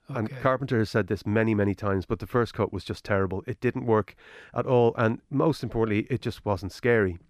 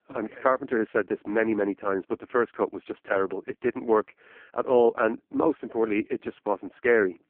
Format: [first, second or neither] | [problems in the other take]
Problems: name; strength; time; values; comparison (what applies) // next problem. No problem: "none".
first | phone-call audio; poor line